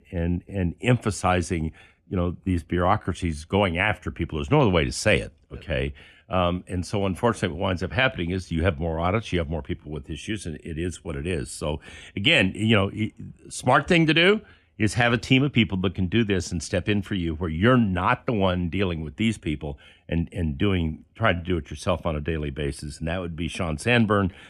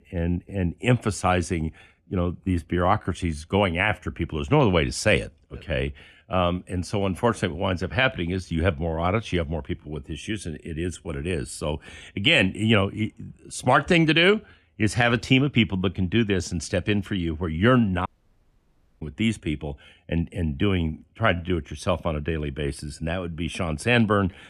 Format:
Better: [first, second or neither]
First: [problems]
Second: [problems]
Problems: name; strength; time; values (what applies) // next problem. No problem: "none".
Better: first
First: none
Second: audio cutting out; at 18 s for 1 s